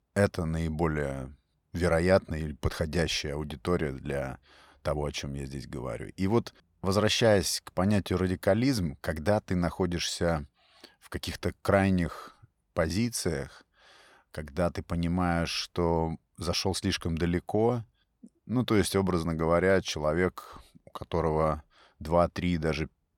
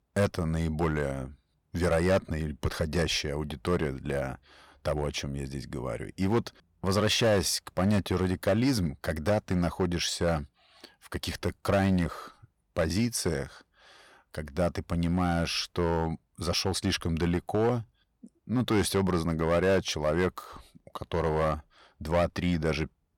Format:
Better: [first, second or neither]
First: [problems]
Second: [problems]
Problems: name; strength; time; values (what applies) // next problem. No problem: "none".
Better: first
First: none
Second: distortion; slight; 4% of the sound clipped